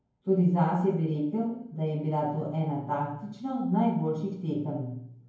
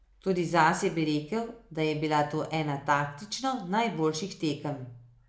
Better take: second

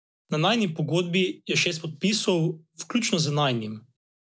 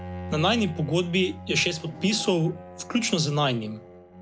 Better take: first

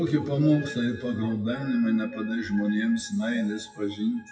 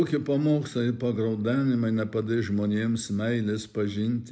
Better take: second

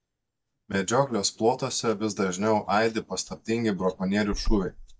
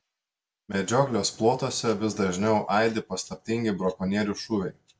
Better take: second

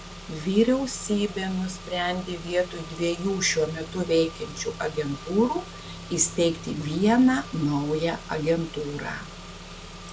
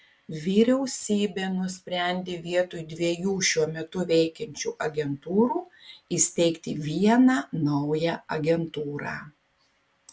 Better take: second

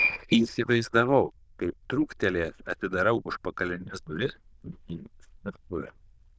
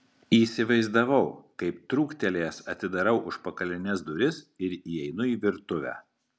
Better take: second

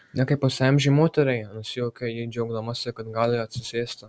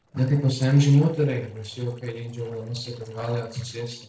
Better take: first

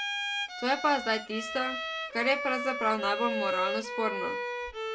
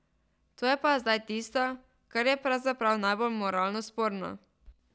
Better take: second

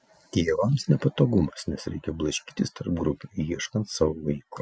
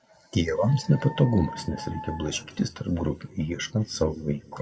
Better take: first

